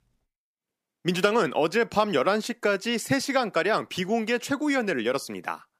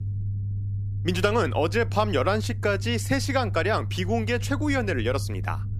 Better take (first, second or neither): first